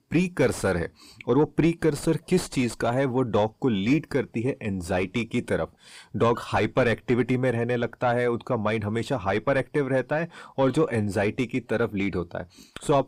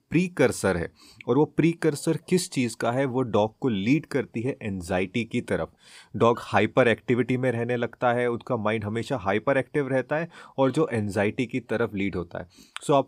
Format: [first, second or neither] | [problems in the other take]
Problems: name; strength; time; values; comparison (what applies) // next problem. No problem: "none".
second | distortion; slight; 10 dB below the speech